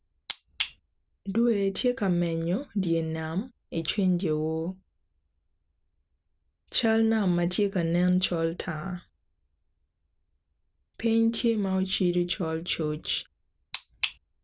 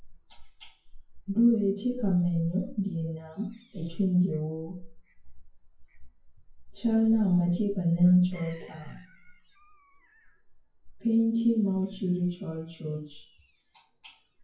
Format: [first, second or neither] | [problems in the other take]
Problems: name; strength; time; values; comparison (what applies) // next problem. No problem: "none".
first | noise reduction (classical method WPE with log-MMSE)